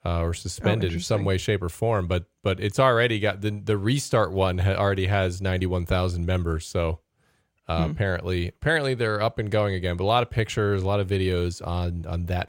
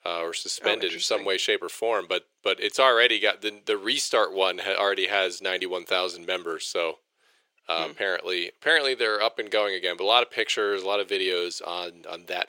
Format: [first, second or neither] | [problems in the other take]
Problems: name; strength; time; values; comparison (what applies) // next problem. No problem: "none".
first | thin; very; fading below 350 Hz